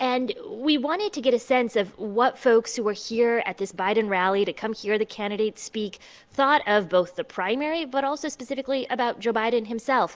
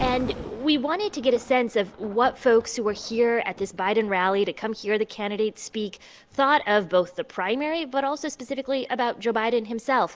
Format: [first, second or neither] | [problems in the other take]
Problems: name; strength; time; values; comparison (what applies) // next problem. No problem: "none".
first | background sound (Thunder); 19 dB below the speech